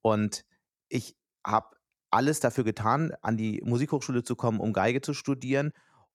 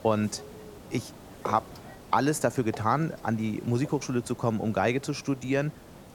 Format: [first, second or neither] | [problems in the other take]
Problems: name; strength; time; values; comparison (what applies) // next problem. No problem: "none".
first | hiss; noticeable; throughout; 15 dB below the speech